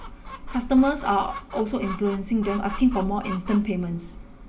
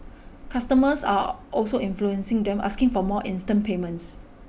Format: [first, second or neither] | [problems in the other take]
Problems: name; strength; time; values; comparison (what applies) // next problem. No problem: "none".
second | background sound (Chicken, rooster); 16 dB below the speech // room echo; dies away in 0.5 s